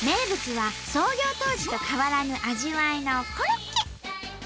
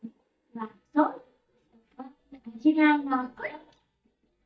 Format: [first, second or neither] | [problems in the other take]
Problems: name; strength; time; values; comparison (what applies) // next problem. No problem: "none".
first | noise reduction (neural mask model DeepFilterNet 3)